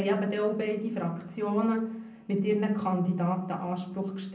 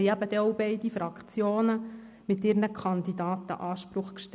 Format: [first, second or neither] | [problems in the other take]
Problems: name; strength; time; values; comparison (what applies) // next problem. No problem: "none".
second | room echo; dies away in 0.6 s